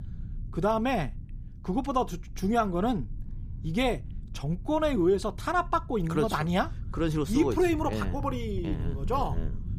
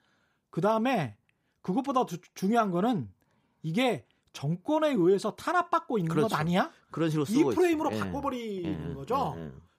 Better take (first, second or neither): second